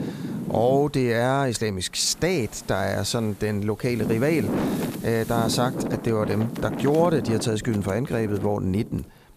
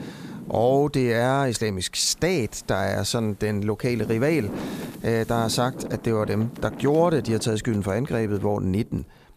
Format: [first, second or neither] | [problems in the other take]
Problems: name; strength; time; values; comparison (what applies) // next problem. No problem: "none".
second | wind noise on the microphone; heavy; 9 dB below the speech; occasional gusts in the second